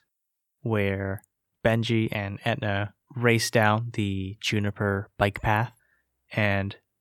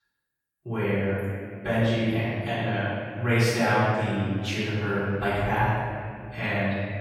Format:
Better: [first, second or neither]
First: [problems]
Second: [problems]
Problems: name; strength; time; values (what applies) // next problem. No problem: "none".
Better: first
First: none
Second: off-mic speech; far // room echo; strong; dies away in 2.1 s